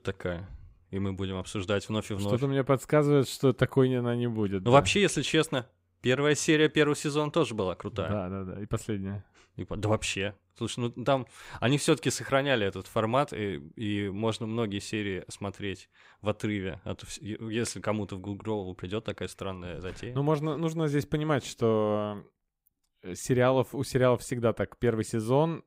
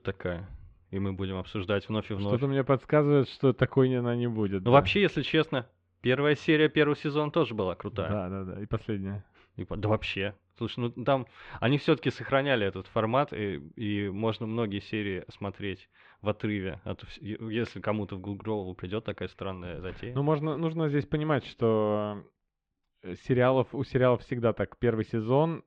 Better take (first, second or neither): first